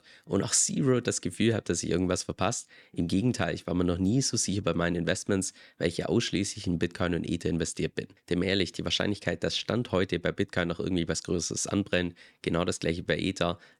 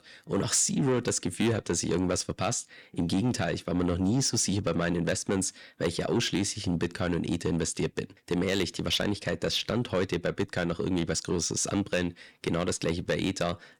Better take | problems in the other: first | distortion; slight; 10 dB below the speech

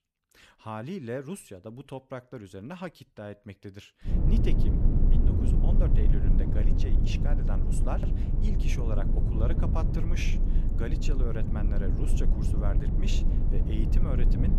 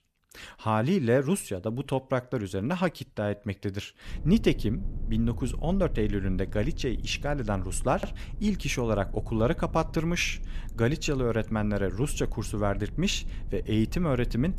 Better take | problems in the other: second | low rumble; loud; from 4 s on; 1 dB below the speech; faint in the second

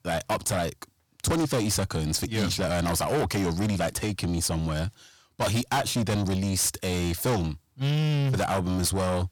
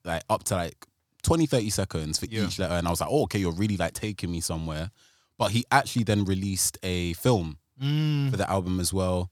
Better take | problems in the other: second | distortion; heavy; 6 dB below the speech

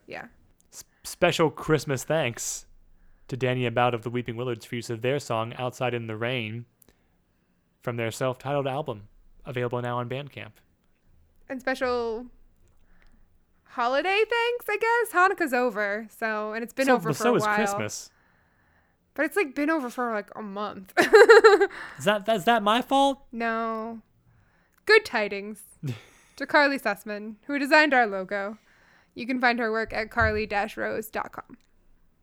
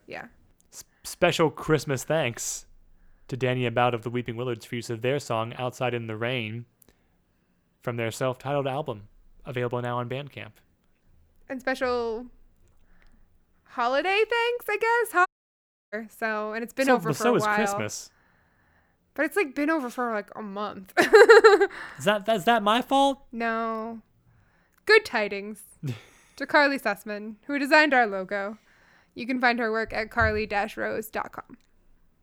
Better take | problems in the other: first | audio cutting out; at 15 s for 0.5 s

